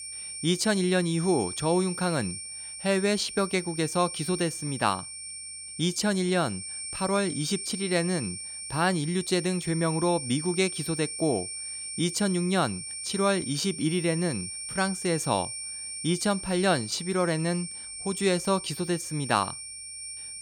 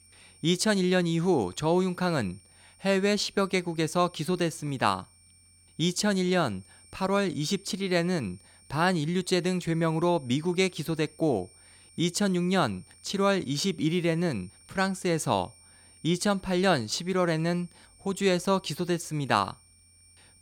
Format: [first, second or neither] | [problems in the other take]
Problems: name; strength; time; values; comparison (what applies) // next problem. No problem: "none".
second | high-pitched whine; loud; throughout; 9 kHz, 7 dB below the speech; faint in the second